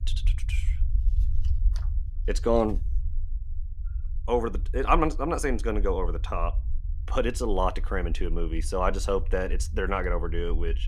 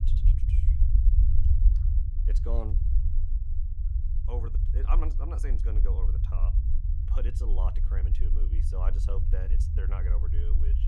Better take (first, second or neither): first